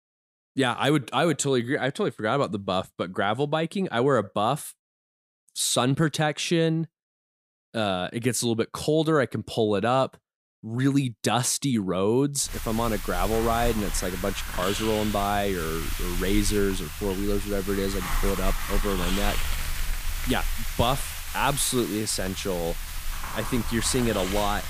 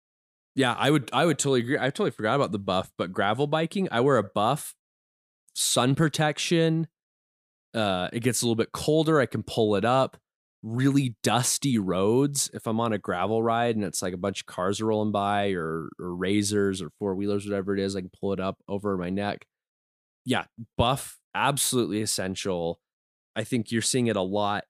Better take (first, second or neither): second